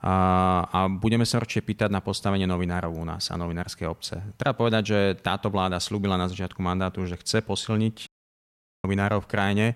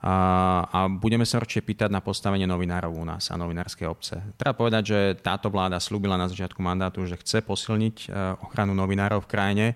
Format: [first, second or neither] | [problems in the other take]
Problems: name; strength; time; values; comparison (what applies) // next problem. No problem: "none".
second | audio cutting out; at 8 s for 1 s